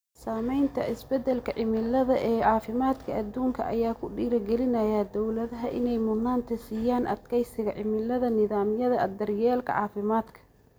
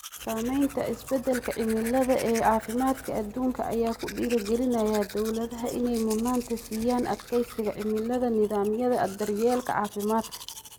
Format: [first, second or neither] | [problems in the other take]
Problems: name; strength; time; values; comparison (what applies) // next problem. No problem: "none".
first | background sound (Domestic sounds, home sounds); 16 dB below the speech